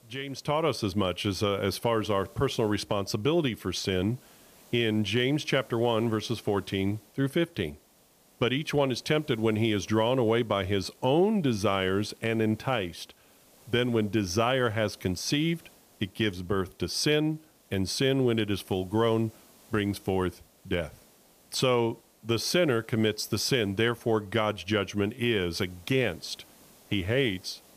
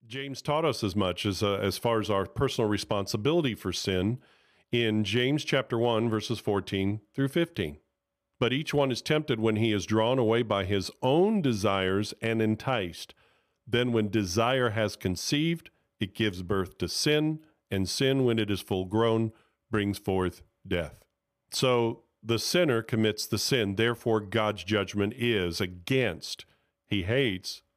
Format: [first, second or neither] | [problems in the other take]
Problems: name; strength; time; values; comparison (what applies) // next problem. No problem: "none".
second | hiss; faint; throughout; 30 dB below the speech